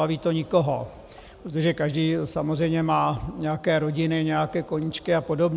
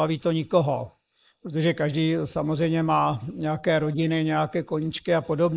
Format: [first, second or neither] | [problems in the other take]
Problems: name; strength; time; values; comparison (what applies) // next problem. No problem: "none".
first | noise reduction (neural mask model Resemble Enhance denoiser)